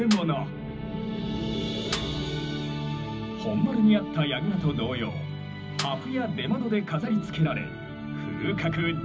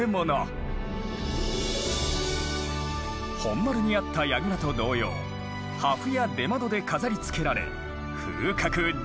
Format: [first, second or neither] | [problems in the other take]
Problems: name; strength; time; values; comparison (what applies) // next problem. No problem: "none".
second | background sound (Snare drum); 14 dB below the speech // room echo; dies away in 0.4 s